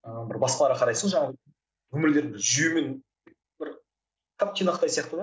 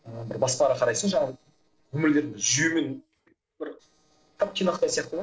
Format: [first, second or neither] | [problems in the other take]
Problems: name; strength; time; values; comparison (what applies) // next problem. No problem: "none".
first | noise reduction (neural separator model SepFormer DNS4)